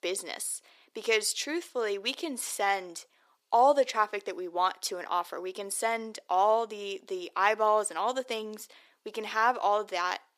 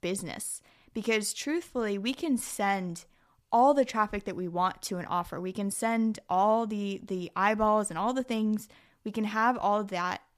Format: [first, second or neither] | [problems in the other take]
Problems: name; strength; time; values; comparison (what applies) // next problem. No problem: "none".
second | thin; somewhat; fading below 400 Hz